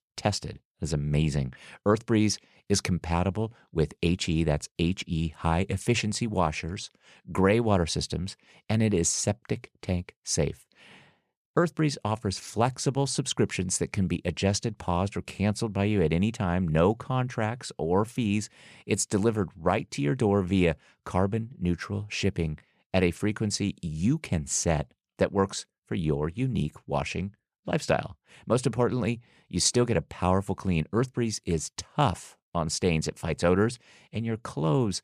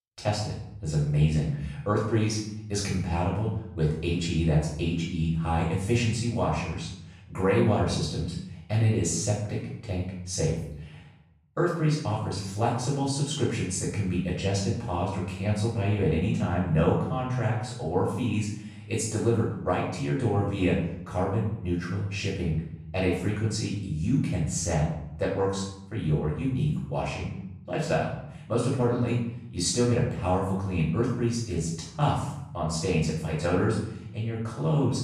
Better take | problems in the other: first | room echo; noticeable; dies away in 0.7 s // off-mic speech; far

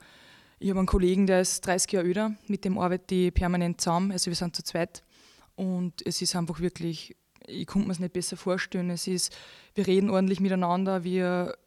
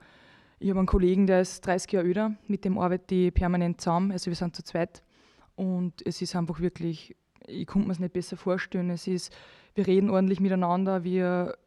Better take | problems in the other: first | muffled; slightly; fading above 2 kHz

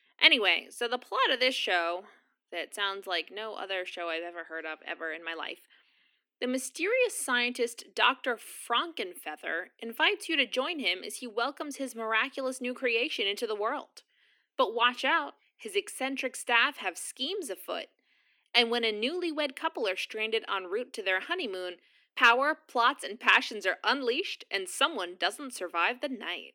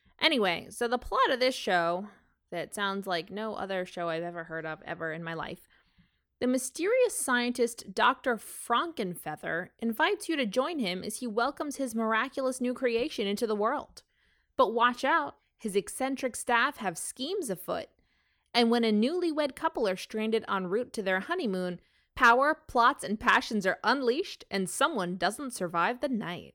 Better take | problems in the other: second | thin; very slightly; fading below 250 Hz

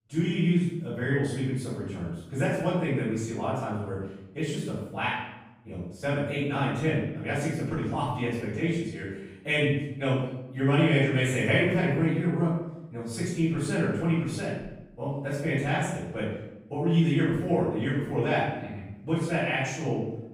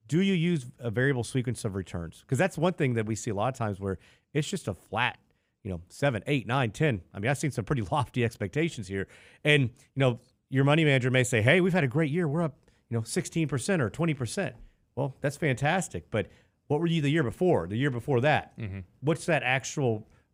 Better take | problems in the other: second | off-mic speech; far // room echo; strong; dies away in 0.8 s

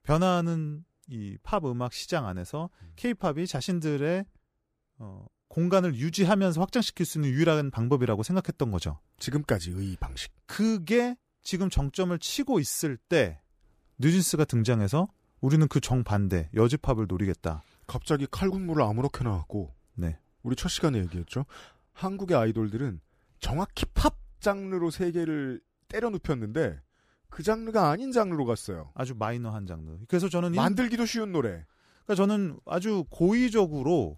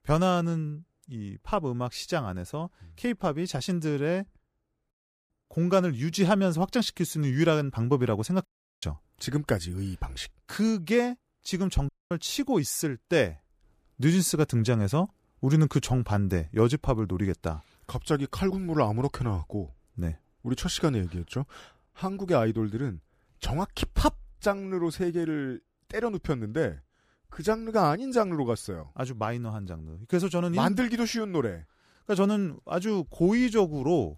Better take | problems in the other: first | audio cutting out; at 5 s, at 8.5 s and at 12 s

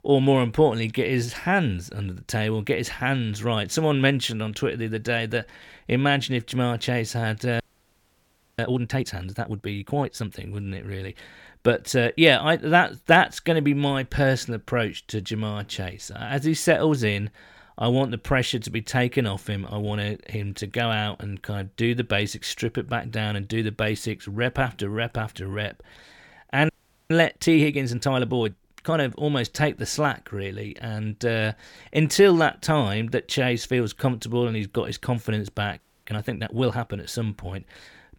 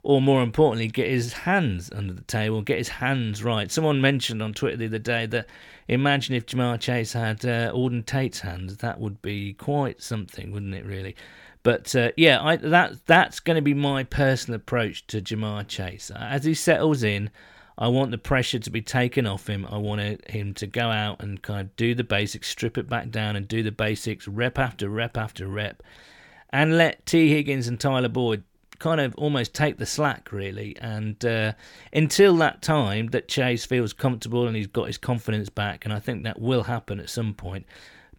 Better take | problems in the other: second | audio freezing; at 7.5 s for 1 s, at 27 s and at 36 s

